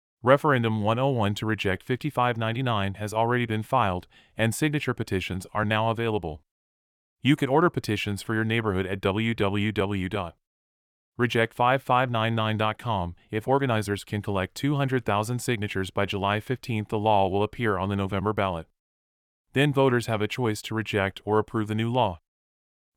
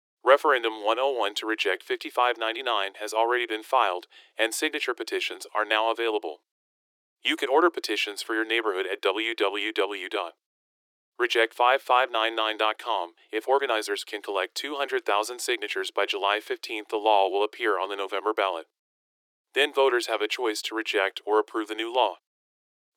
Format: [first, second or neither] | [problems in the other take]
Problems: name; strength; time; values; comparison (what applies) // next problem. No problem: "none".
first | thin; very; fading below 350 Hz